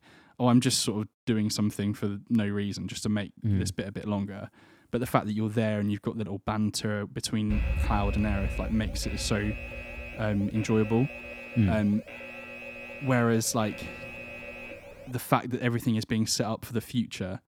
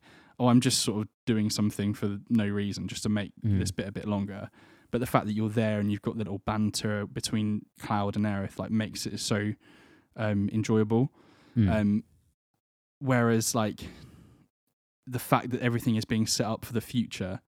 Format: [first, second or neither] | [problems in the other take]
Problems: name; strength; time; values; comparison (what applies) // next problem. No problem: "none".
second | alarm; noticeable; from 7.5 to 15 s; peak 1 dB below the speech